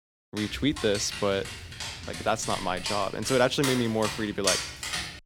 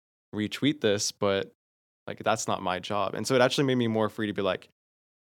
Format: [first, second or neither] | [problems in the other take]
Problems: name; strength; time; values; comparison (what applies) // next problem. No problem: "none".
second | dog barking; loud; peak 1 dB above the speech